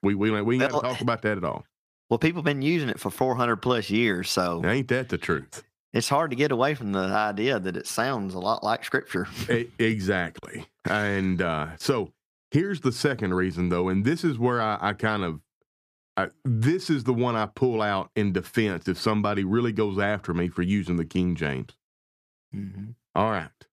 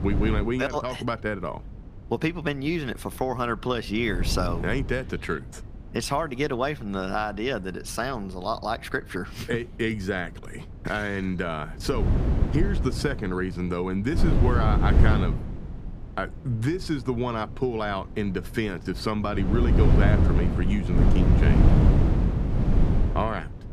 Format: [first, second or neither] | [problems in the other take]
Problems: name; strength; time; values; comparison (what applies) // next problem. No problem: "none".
first | wind noise on the microphone; heavy; 4 dB below the speech